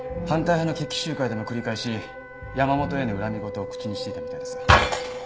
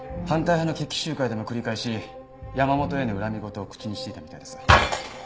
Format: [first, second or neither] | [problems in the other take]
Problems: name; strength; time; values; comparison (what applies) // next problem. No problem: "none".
second | background sound (Wind instrument, woodwind instrument); 10 dB below the speech